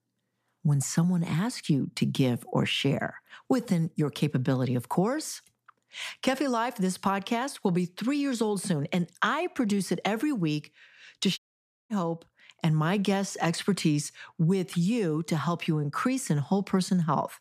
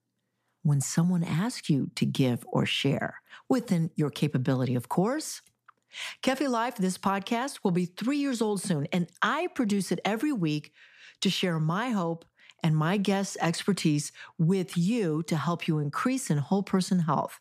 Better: second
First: audio cutting out; at 11 s for 0.5 s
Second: none

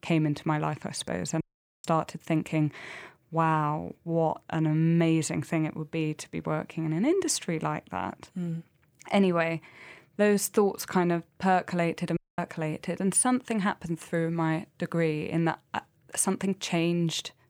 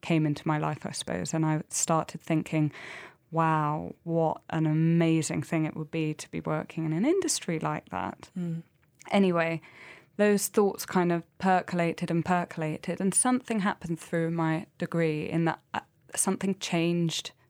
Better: second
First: audio cutting out; at 1.5 s and at 12 s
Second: none

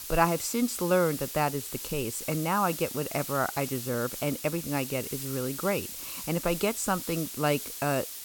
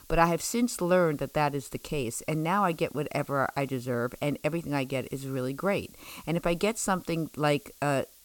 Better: second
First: hiss; loud; throughout; 7 dB below the speech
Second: hiss; faint; throughout; 25 dB below the speech

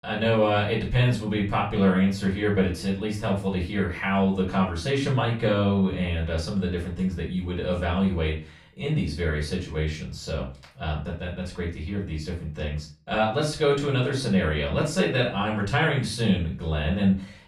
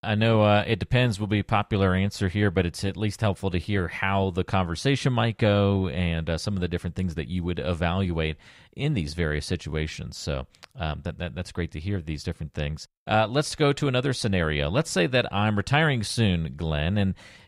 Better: second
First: off-mic speech; far // room echo; slight; dies away in 0.3 s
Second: none

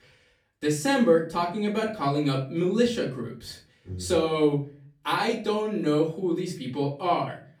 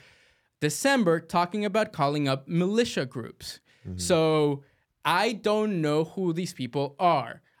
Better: second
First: off-mic speech; far // room echo; slight; dies away in 0.3 s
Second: none

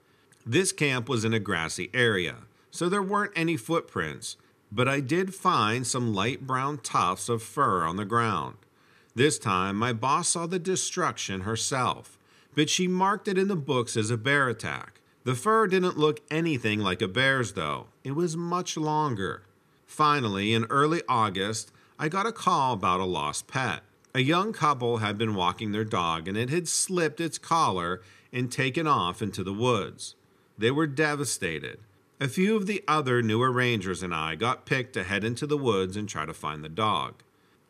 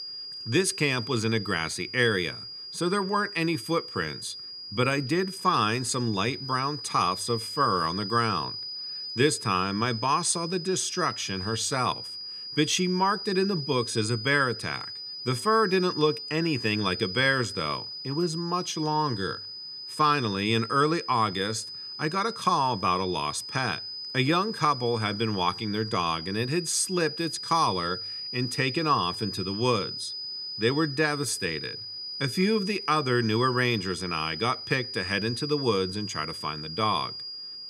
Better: first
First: none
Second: high-pitched whine; loud; throughout; 5 kHz, 8 dB below the speech

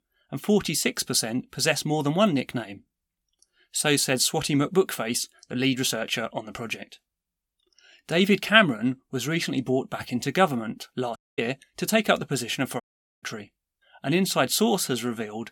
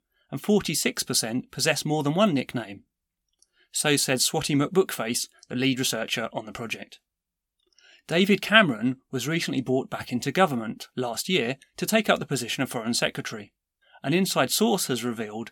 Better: second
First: audio cutting out; at 11 s and at 13 s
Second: none

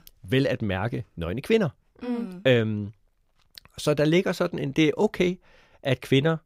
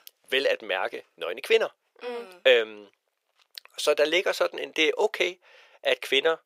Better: first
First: none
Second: thin; very; fading below 450 Hz

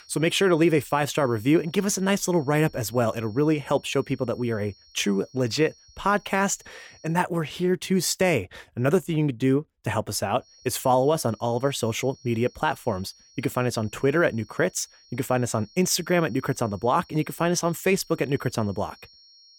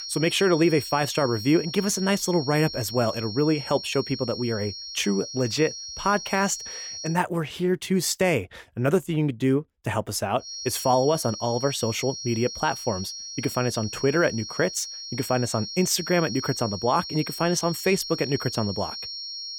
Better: first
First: high-pitched whine; faint; until 7 s and from 10 s on; 5.5 kHz, 25 dB below the speech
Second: high-pitched whine; loud; until 7 s and from 10 s on; 5.5 kHz, 8 dB below the speech

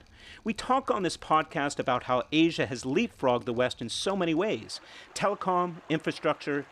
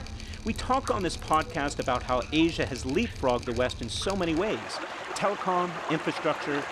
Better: first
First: rain or running water; faint; throughout; 25 dB below the speech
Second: rain or running water; loud; throughout; 9 dB below the speech

